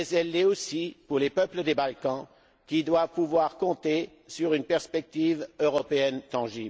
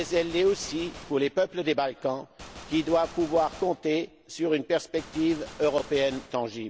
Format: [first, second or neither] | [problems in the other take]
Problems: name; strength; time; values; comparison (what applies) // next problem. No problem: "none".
first | background sound (Gunshot, gunfire); 18 dB below the speech